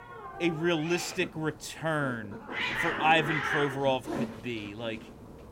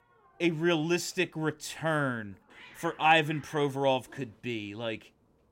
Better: second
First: hiss; loud; throughout; 4 dB below the speech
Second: hiss; faint; throughout; 25 dB below the speech

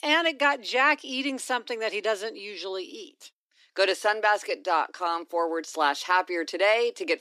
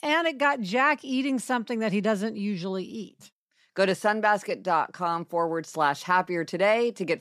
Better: second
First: thin; somewhat; fading below 300 Hz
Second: none

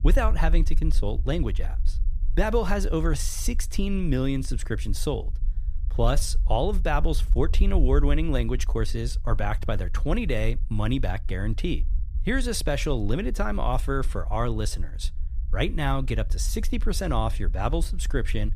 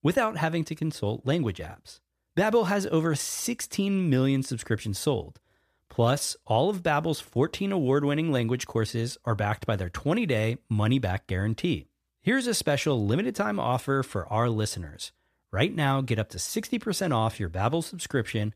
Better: second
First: low rumble; faint; throughout; 20 dB below the speech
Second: none

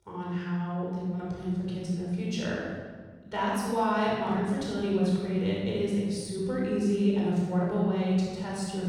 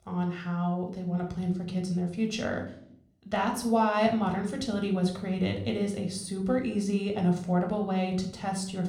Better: second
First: room echo; strong; dies away in 1.4 s // off-mic speech; far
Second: room echo; slight; dies away in 0.5 s

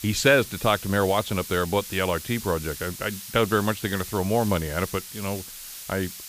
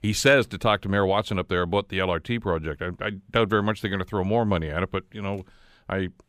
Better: second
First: hiss; noticeable; throughout; 10 dB below the speech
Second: none

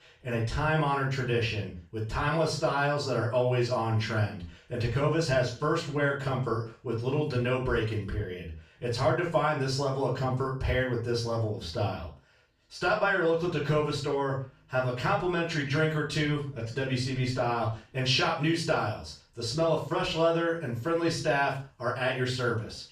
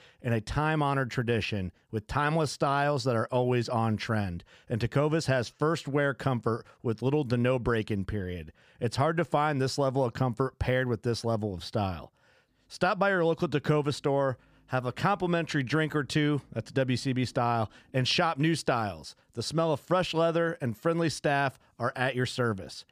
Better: second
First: room echo; noticeable; dies away in 0.3 s // off-mic speech; far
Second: none

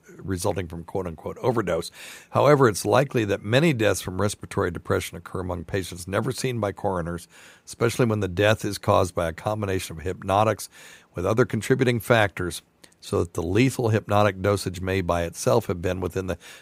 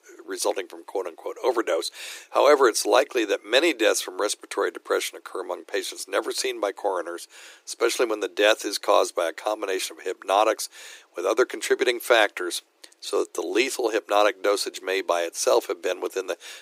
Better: first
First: none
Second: thin; very; fading below 300 Hz

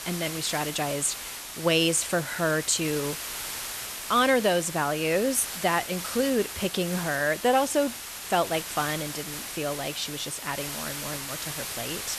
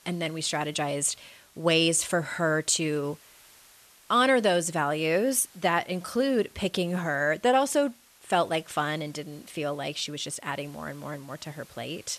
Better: second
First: hiss; loud; throughout; 7 dB below the speech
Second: hiss; faint; throughout; 25 dB below the speech

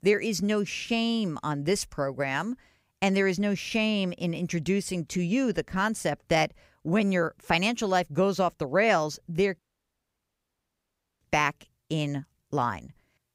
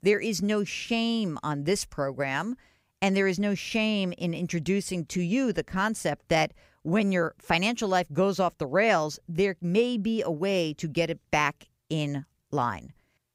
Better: second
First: audio cutting out; at 9.5 s for 1.5 s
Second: none

